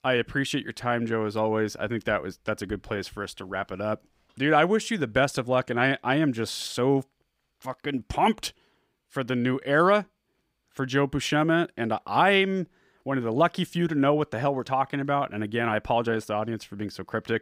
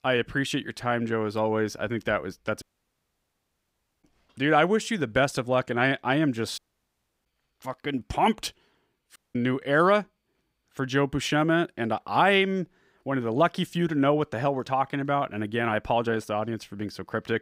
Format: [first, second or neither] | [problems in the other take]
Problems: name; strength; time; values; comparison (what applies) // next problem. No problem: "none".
first | audio cutting out; at 2.5 s for 1.5 s, at 6.5 s for 0.5 s and at 9 s